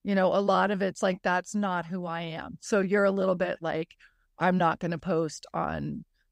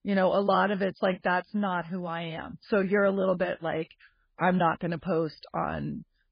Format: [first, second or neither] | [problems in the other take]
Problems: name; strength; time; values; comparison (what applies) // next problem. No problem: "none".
first | garbled, watery; badly